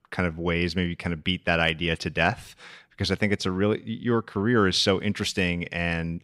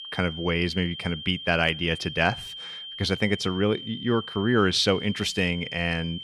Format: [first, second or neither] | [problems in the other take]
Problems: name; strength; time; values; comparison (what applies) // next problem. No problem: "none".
first | high-pitched whine; noticeable; throughout; 3 kHz, 10 dB below the speech